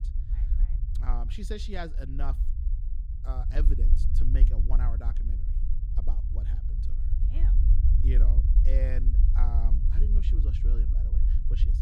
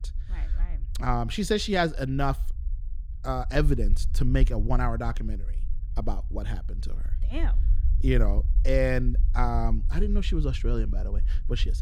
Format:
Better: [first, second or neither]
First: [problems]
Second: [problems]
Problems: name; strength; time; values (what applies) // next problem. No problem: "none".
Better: second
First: low rumble; loud; throughout; 5 dB below the speech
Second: low rumble; faint; throughout; 20 dB below the speech